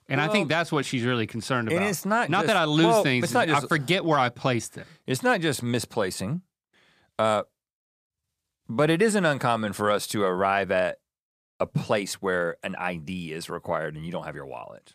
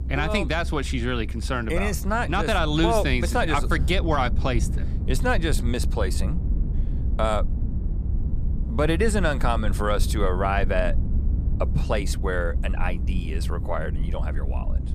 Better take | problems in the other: first | low rumble; noticeable; throughout; 15 dB below the speech

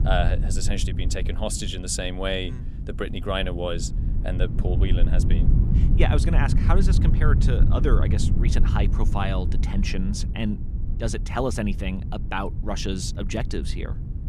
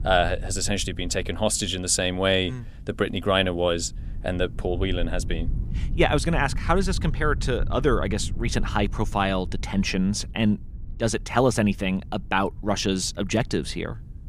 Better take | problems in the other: second | low rumble; loud; throughout; 9 dB below the speech; faint in the second

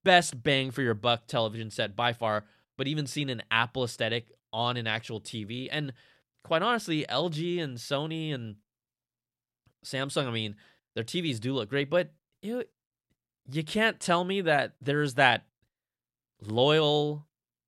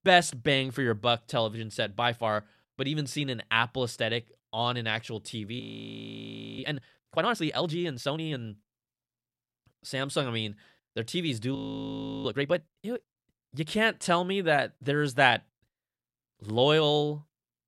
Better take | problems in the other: first | audio freezing; at 5.5 s for 1 s and at 12 s for 0.5 s

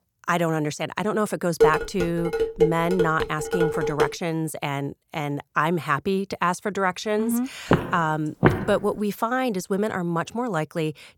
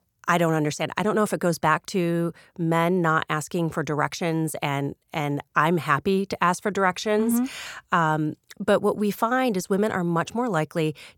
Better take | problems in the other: second | clattering dishes; loud; from 1.5 to 4 s; peak 4 dB above the speech // footsteps; loud; at 7.5 s; peak 4 dB above the speech

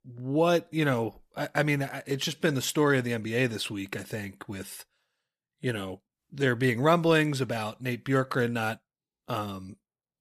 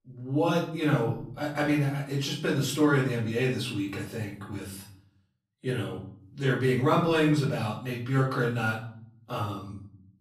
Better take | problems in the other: first | room echo; slight; dies away in 0.6 s // off-mic speech; far

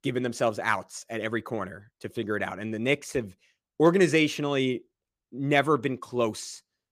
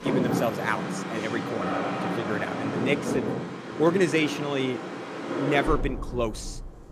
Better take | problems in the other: first | rain or running water; loud; throughout; 2 dB below the speech

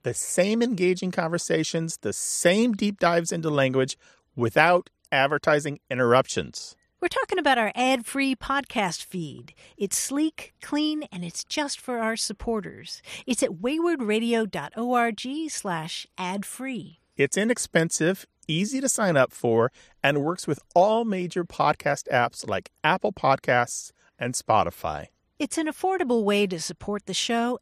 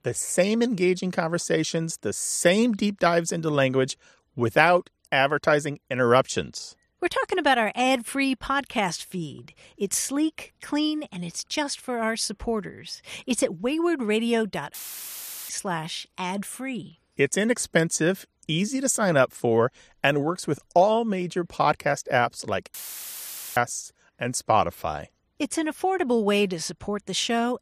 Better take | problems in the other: first | audio cutting out; filled with static; at 15 s for 1 s and at 23 s for 1 s

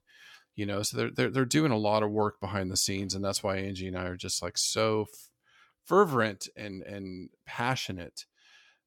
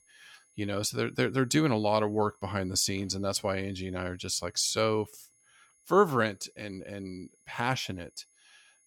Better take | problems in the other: first | high-pitched whine; faint; throughout; 10.5 kHz, 35 dB below the speech

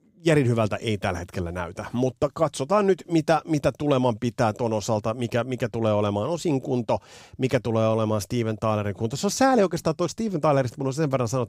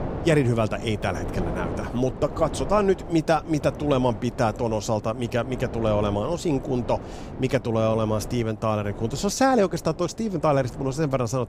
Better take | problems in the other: first | wind noise on the microphone; occasional gusts; 15 dB below the speech

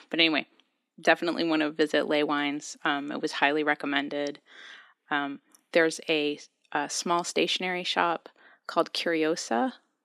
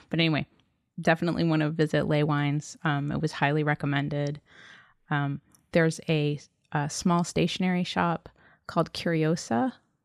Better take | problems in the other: second | thin; somewhat; fading below 250 Hz

